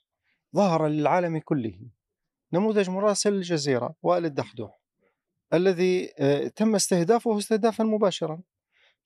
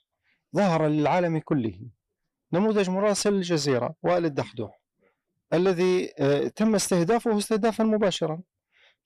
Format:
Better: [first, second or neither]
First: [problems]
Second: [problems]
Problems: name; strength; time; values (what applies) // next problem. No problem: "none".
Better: first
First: none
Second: distortion; slight; 10 dB below the speech